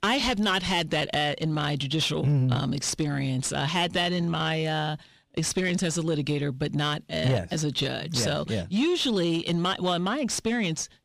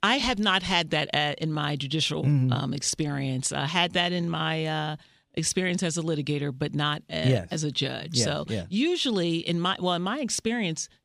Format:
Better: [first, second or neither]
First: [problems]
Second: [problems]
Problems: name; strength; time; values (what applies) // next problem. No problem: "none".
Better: second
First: distortion; slight; 10 dB below the speech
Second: none